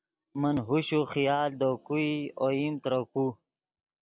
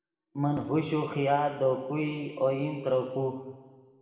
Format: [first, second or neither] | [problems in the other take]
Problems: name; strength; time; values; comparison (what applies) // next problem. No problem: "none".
first | room echo; dies away in 1.5 s